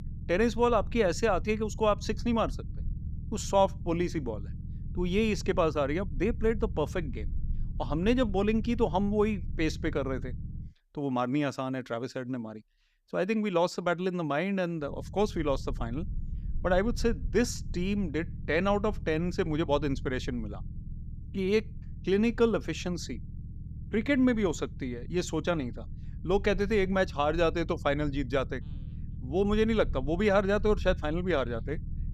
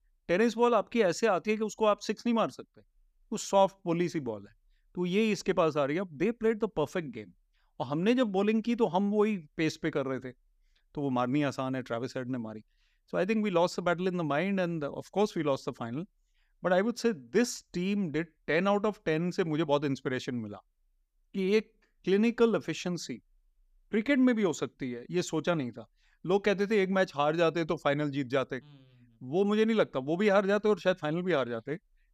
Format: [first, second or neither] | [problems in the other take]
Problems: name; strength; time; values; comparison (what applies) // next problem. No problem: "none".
second | low rumble; faint; until 11 s and from 15 s on; 25 dB below the speech